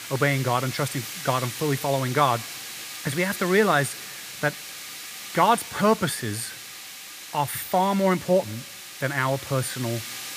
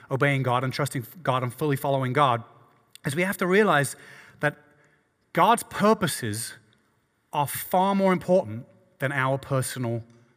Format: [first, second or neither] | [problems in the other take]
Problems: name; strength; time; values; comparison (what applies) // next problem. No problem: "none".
second | hiss; noticeable; throughout; 10 dB below the speech